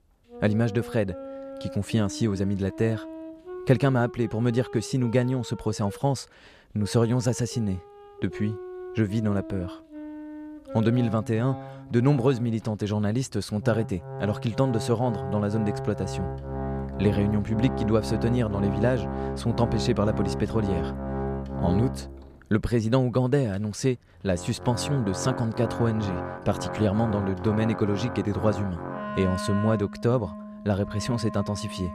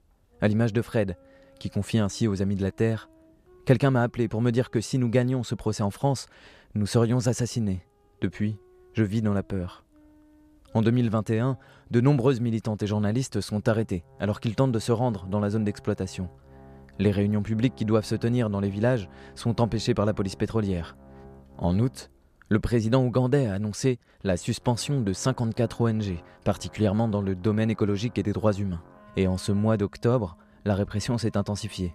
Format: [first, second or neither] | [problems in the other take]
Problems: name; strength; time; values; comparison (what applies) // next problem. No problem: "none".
second | background music; loud; throughout; 8 dB below the speech; faint in the second